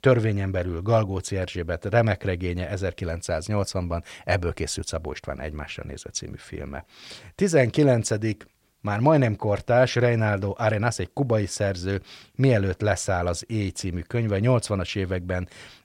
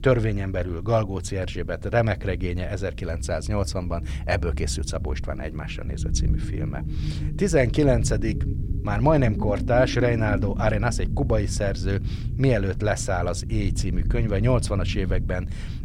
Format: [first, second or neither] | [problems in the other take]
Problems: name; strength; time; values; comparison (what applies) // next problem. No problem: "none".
first | low rumble; noticeable; throughout; 15 dB below the speech